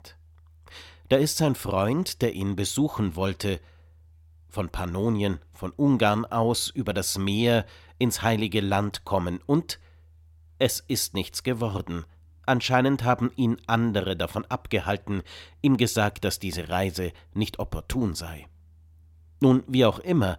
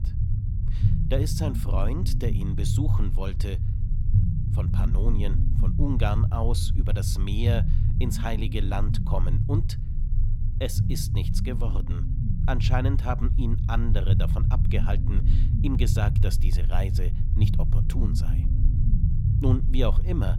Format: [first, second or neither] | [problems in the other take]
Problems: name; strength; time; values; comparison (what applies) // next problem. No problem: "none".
first | low rumble; loud; throughout; 5 dB below the speech